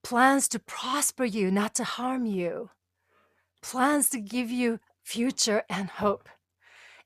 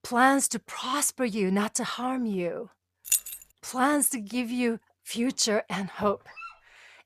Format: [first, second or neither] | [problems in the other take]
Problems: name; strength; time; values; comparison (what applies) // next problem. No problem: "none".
first | jangling keys; loud; at 3 s; peak 1 dB above the speech // dog barking; faint; at 6.5 s; peak 15 dB below the speech